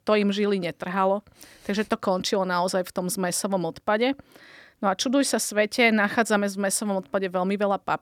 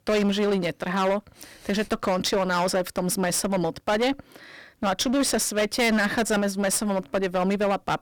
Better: first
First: none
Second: distortion; heavy; 18% of the sound clipped

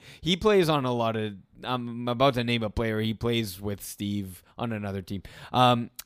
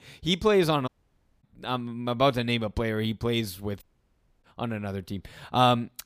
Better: first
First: none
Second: audio cutting out; at 1 s for 0.5 s and at 4 s for 0.5 s

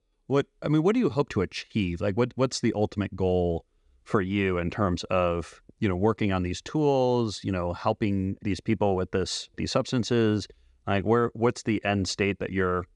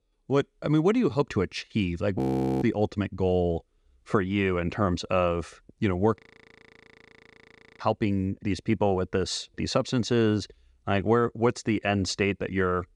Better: first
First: none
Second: audio freezing; at 2 s and at 6 s for 1.5 s

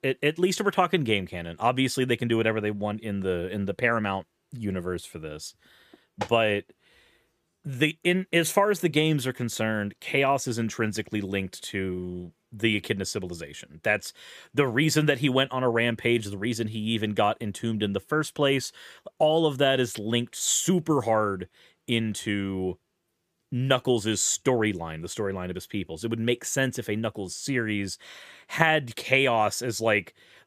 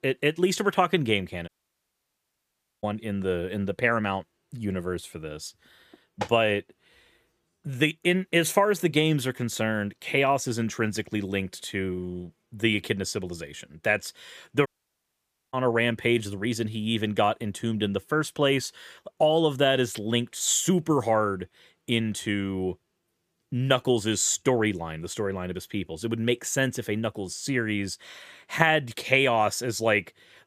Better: first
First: none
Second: audio cutting out; at 1.5 s for 1.5 s and at 15 s for 1 s

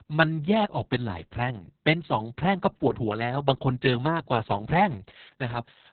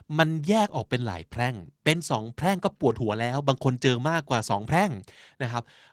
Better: second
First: garbled, watery; badly; nothing above 4 kHz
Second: garbled, watery; slightly

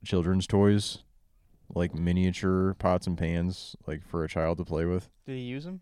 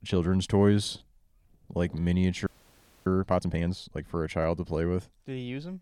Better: first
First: none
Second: audio freezing; at 2.5 s for 0.5 s

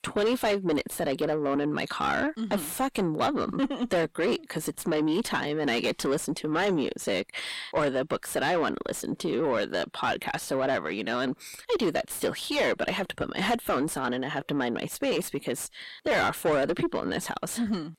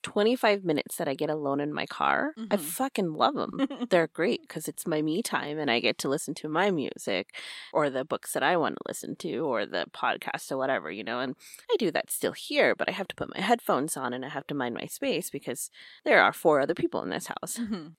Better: second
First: distortion; heavy; 6 dB below the speech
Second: none

